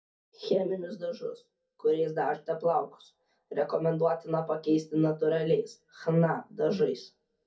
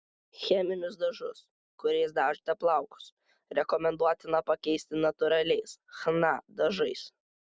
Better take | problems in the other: second | room echo; dies away in 0.3 s

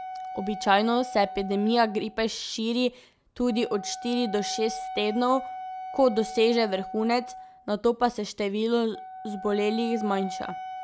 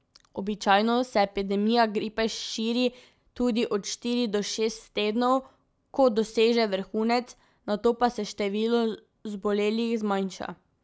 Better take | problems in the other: second | background sound (Wind instrument, woodwind instrument); 12 dB below the speech

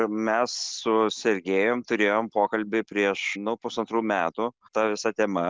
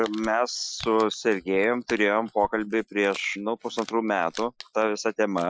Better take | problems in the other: first | noise reduction (classical method Wiener filter)

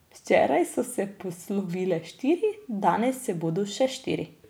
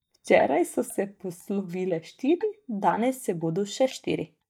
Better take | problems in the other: first | noise reduction (neural mask model DeepFilterNet 3)

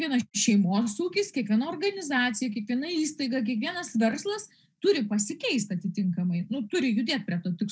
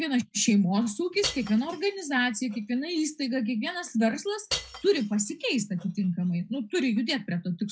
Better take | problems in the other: first | noise reduction (classical method log-MMSE)

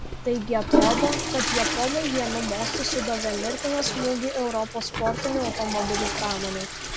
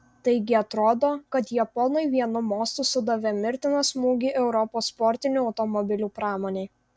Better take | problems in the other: second | background sound (Toilet flush / Water); as loud as the speech

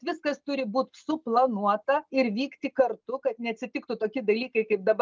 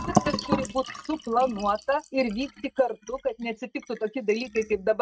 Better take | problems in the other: first | noise reduction (neural mask model RNNoise)

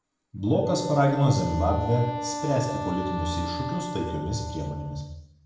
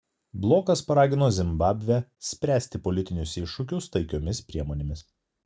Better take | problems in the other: second | background sound (Wind instrument, woodwind instrument); 8 dB below the speech // room echo; dies away in 0.8 s

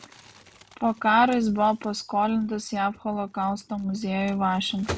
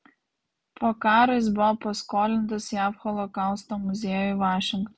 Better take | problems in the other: second | background sound (Crumpling, crinkling); 18 dB below the speech

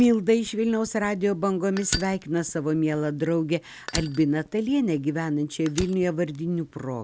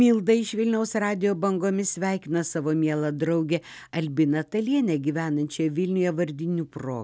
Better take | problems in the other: second | background sound (Fire); 14 dB below the speech

